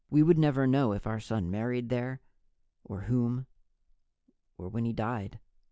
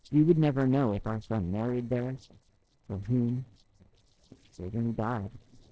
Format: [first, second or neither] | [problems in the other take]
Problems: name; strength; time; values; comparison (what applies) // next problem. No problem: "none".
first | noise reduction (neural separator model SepFormer DNS4)